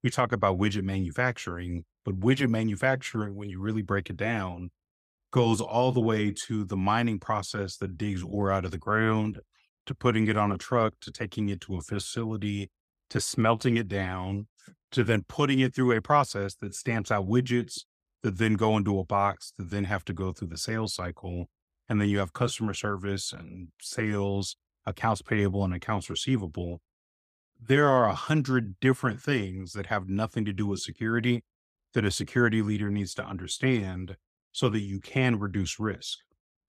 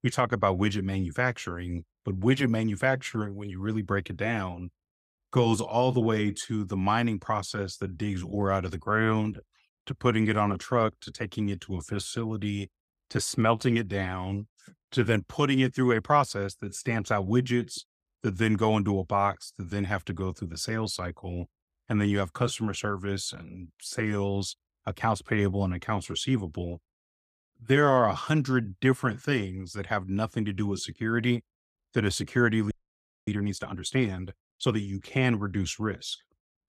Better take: first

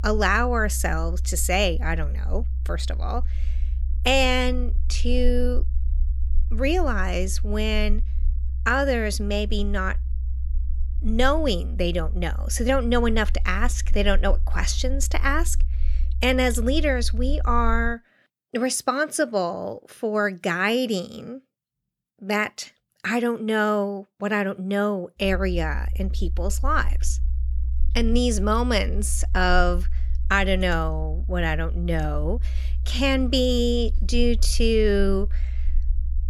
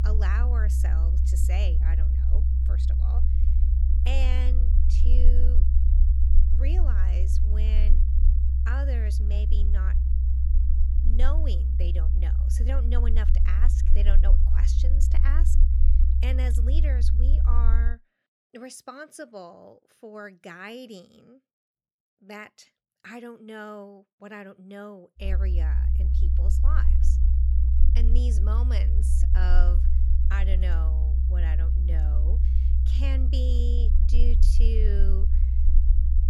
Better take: first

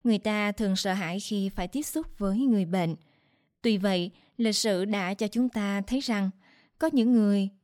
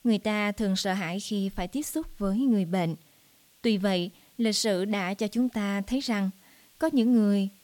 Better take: first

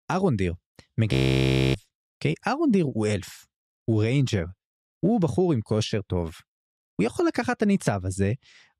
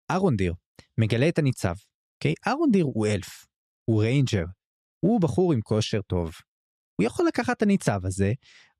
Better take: second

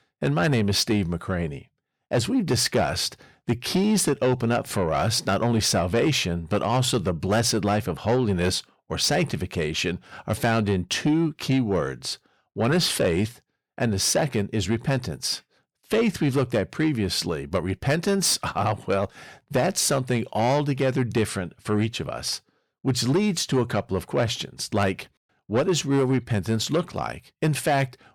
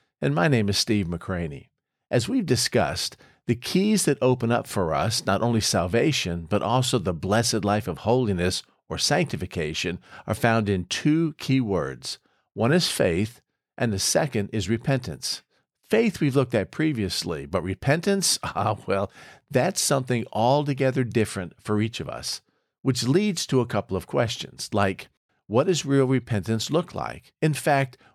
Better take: second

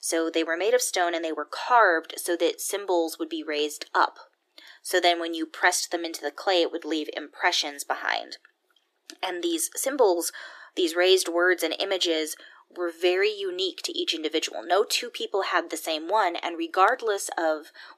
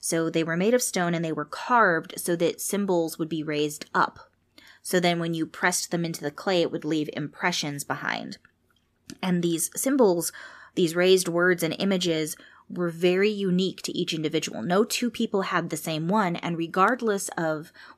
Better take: second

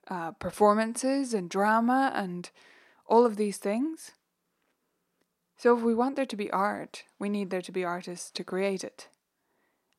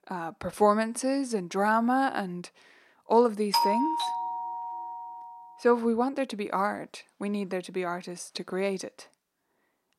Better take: first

